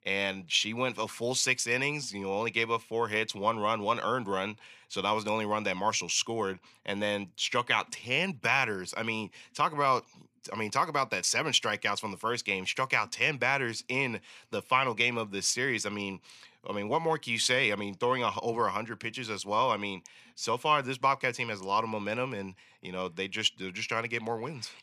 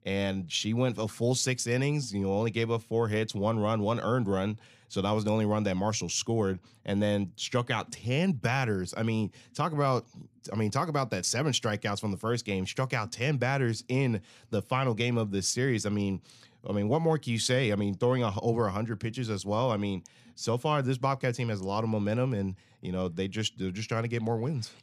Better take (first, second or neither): second